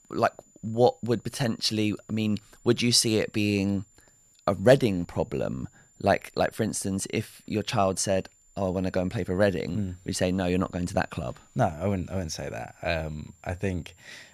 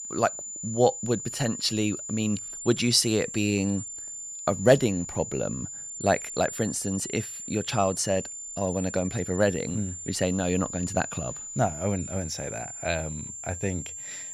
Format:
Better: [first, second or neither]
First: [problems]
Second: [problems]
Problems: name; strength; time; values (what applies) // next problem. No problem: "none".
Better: first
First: high-pitched whine; faint; throughout; 7 kHz, 30 dB below the speech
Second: high-pitched whine; loud; throughout; 7 kHz, 8 dB below the speech